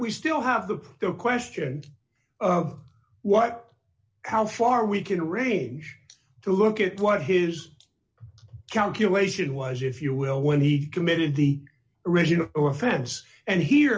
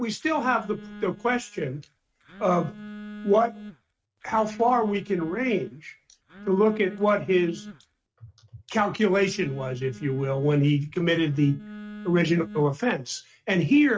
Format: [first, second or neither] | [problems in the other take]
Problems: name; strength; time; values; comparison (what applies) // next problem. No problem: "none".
first | noise reduction (neural mask model RNNoise)